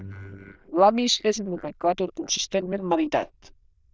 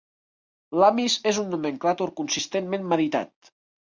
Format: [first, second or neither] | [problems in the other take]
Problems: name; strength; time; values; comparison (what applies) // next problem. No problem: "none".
second | noise reduction (neural diffusion model UNIVERSE++)